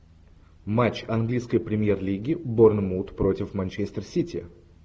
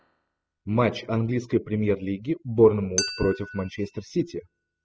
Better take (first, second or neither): first